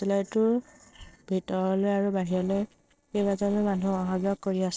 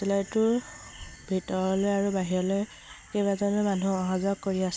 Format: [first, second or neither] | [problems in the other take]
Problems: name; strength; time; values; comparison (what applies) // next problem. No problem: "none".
second | noise reduction (neural separator model SepFormer DNS4)